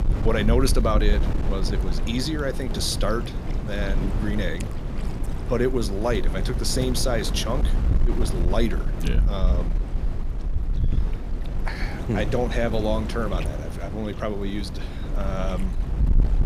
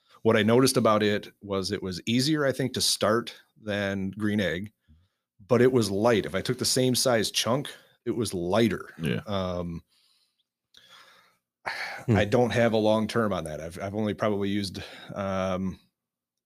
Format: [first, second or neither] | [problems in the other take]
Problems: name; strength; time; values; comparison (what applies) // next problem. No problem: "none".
second | wind noise on the microphone; heavy; 9 dB below the speech